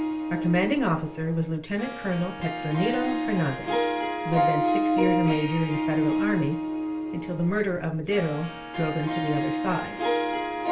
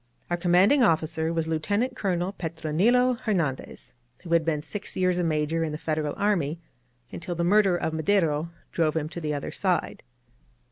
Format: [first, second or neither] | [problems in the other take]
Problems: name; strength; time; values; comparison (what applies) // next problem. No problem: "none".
second | background sound (Harp); as loud as the speech // room echo; dies away in 0.3 s